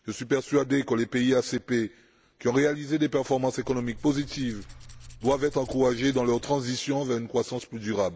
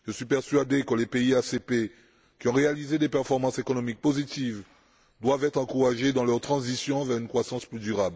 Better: second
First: background sound (Tools); 17 dB below the speech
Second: none

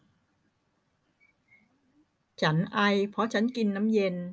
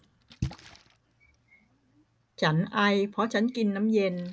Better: first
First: none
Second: background sound (Splash, splatter); 16 dB below the speech

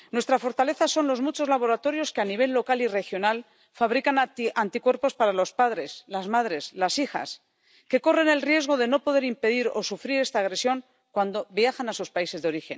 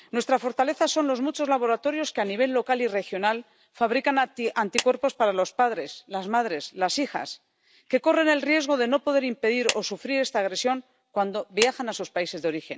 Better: first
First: none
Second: background sound (Clapping); 11 dB below the speech

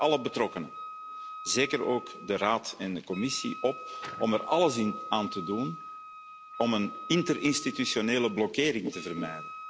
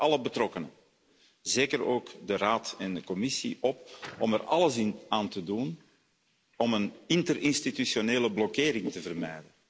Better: second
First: background sound (Wind instrument, woodwind instrument); 12 dB below the speech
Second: none

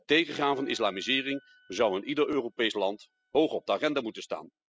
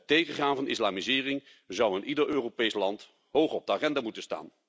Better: second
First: noise reduction (classical method spectral subtraction)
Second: none

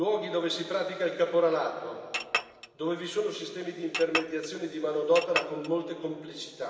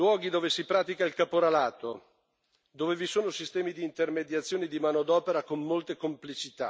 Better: second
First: background sound (Chink, clink); 6 dB below the speech // room echo; dies away in 2.4 s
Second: none

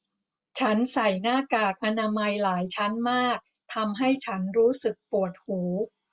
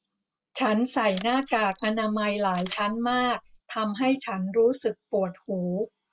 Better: first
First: none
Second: background sound (Camera); 20 dB below the speech

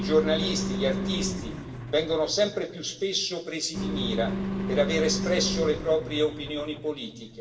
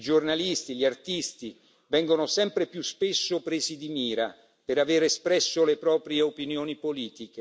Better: second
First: background sound (Engine); 4 dB below the speech // room echo; dies away in 0.8 s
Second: none

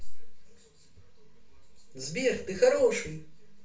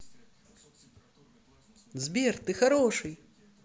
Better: second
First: room echo; dies away in 0.3 s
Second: none

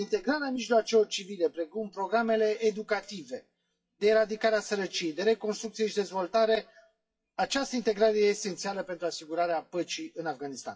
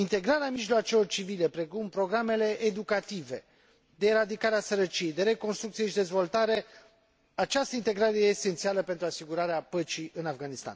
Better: second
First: noise reduction (classical method WPE with log-MMSE)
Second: none

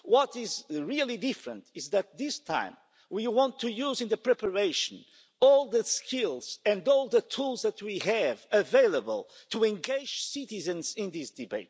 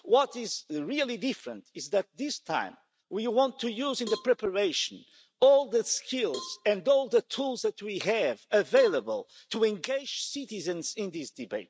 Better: first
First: none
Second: noise reduction (neural mask model RNNoise)

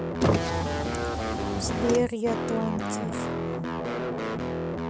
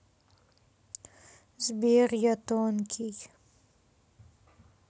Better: second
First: background sound (Guitar + Car); 5 dB above the speech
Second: none

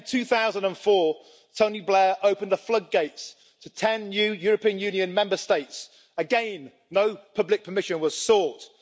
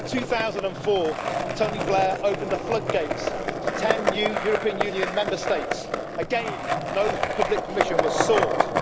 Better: first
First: none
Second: background sound (Skateboard); as loud as the speech

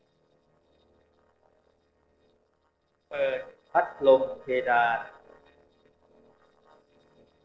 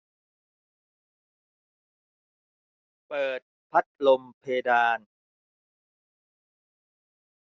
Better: second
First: noise reduction (neural separator model SepFormer DNS4)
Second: none

